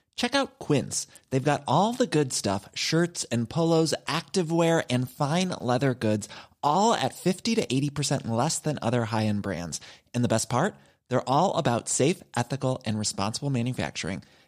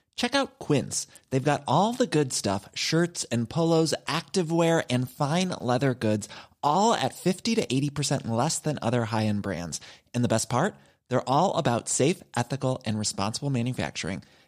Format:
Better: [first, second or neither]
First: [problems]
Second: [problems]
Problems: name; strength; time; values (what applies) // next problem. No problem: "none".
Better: neither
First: none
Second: none